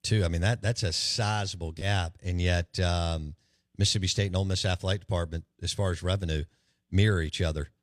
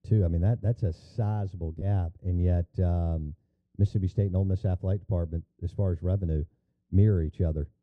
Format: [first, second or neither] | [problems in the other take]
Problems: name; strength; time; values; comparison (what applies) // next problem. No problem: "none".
first | muffled; very; fading above 1 kHz